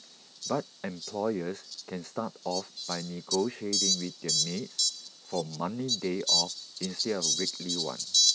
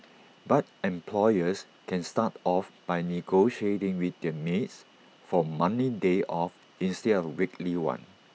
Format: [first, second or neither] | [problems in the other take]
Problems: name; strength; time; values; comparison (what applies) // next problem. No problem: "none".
second | background sound (Fowl); 3 dB above the speech